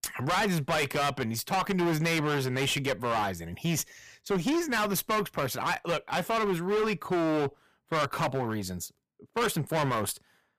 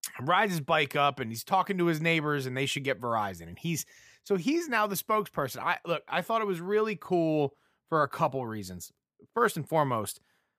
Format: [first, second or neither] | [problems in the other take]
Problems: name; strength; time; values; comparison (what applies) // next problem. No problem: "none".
second | distortion; heavy; 21% of the sound clipped